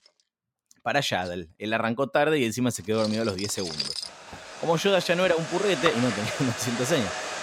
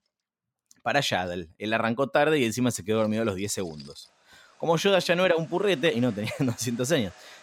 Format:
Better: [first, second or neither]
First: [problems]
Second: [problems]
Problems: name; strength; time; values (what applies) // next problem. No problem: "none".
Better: second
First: household noises; loud; throughout; 7 dB below the speech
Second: household noises; faint; throughout; 25 dB below the speech